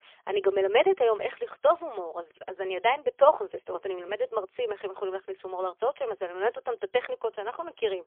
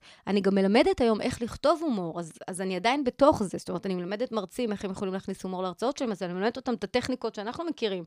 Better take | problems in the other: second | phone-call audio; poor line; nothing above 3.5 kHz

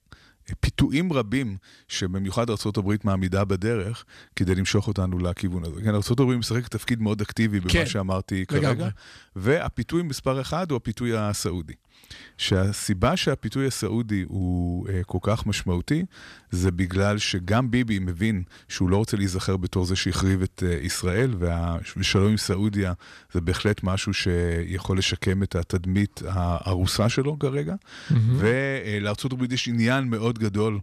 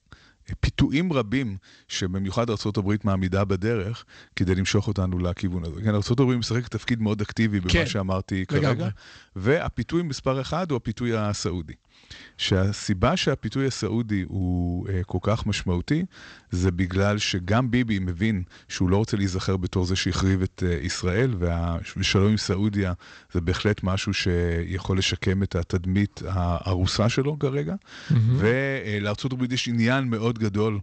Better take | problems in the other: first | garbled, watery; slightly; nothing above 8 kHz

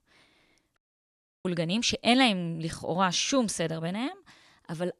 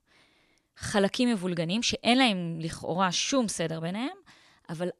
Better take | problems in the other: second | audio cutting out; at 1 s for 0.5 s

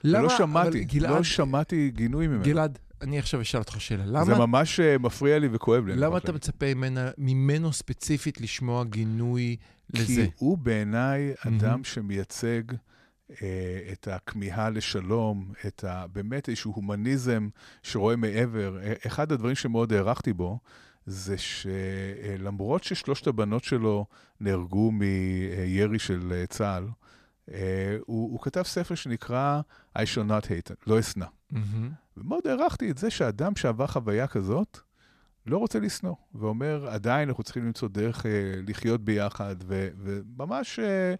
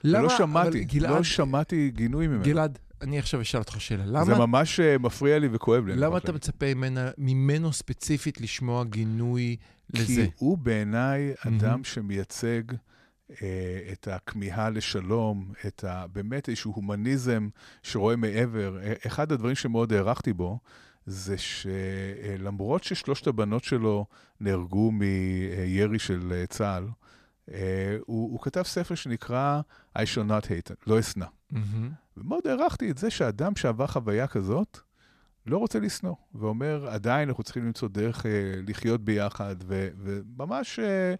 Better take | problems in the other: neither | none

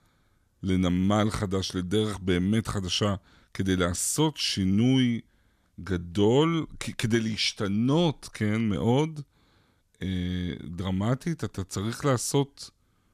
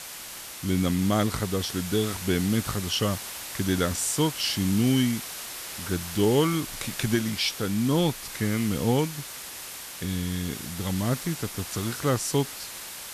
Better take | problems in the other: first | hiss; loud; throughout; 8 dB below the speech

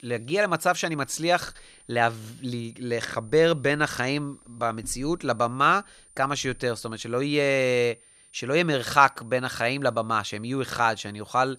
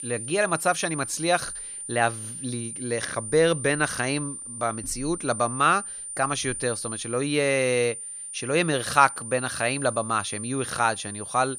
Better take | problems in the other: first | high-pitched whine; loud; throughout; 9 kHz, 8 dB below the speech; faint in the first

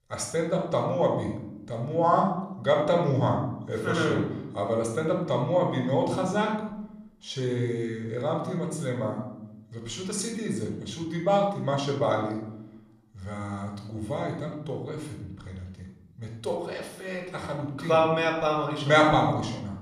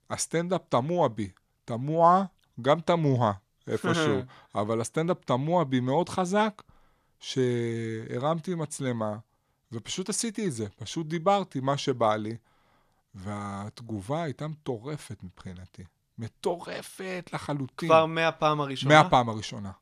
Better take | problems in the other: second | off-mic speech; somewhat distant // room echo; noticeable; dies away in 0.8 s

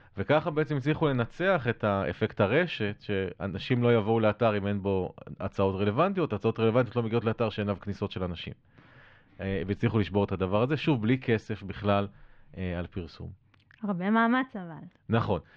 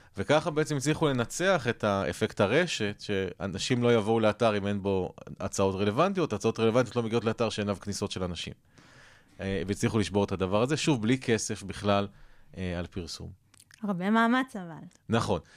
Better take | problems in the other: second | muffled; very; fading above 3 kHz

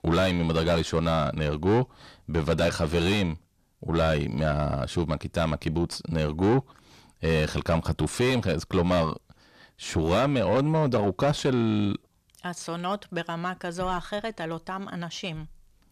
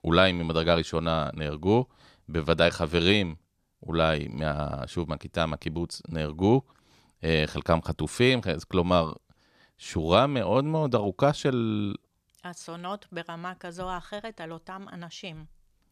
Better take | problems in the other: second | distortion; heavy; 6 dB below the speech

